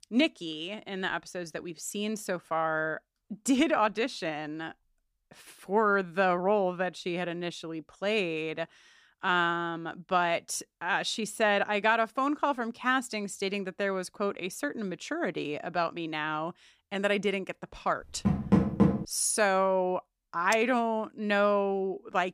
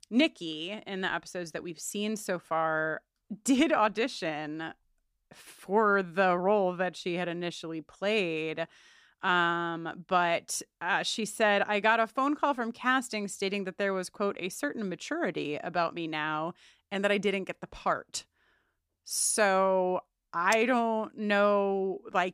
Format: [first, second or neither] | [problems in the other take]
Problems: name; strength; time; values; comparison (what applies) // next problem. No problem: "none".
second | door banging; loud; at 18 s; peak 5 dB above the speech